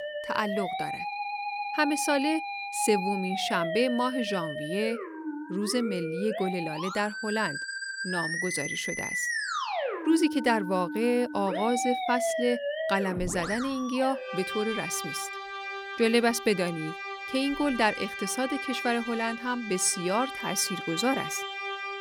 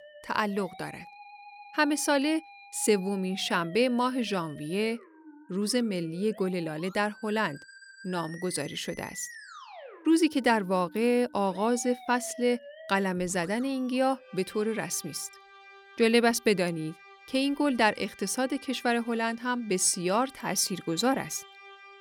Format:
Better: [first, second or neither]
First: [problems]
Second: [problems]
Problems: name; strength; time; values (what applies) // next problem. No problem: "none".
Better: second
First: background music; loud; throughout; 5 dB below the speech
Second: background music; faint; throughout; 20 dB below the speech